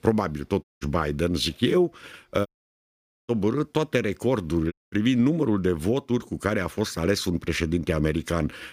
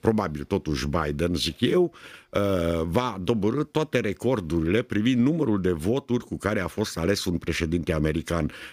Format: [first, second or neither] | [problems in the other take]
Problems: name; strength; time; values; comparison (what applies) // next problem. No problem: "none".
second | audio cutting out; at 0.5 s, at 2.5 s for 1 s and at 4.5 s